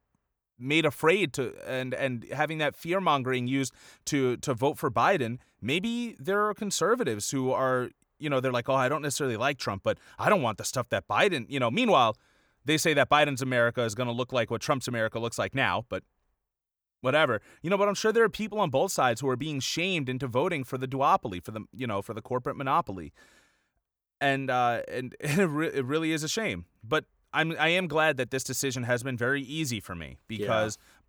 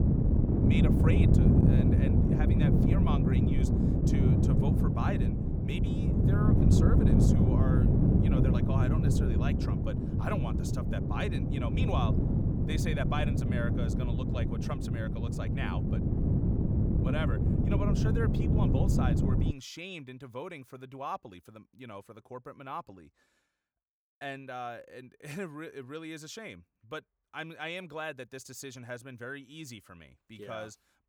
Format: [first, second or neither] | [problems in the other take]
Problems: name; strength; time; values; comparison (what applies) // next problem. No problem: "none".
first | wind noise on the microphone; heavy; until 20 s; 4 dB above the speech